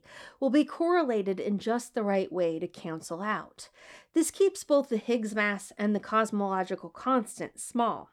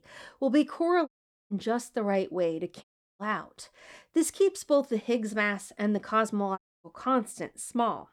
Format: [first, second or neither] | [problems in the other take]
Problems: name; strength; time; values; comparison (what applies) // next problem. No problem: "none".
first | audio cutting out; at 1 s, at 3 s and at 6.5 s